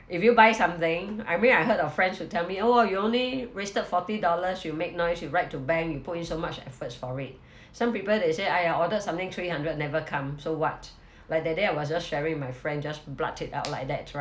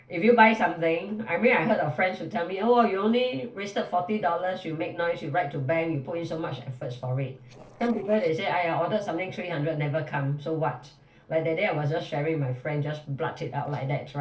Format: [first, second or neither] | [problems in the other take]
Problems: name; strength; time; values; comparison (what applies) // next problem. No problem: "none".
first | noise reduction (neural separator model SepFormer DNS4)